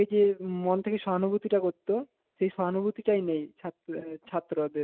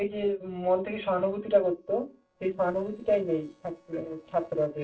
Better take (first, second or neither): first